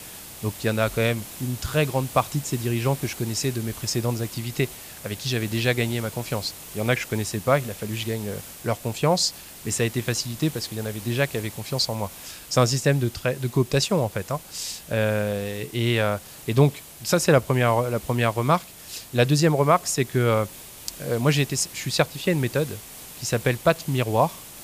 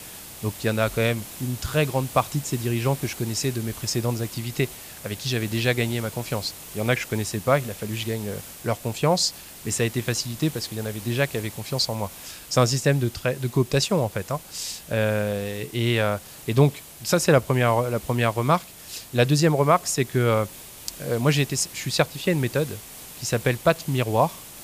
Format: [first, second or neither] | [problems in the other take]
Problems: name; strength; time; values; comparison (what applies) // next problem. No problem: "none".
neither | hiss; noticeable; throughout; 15 dB below the speech; the same in both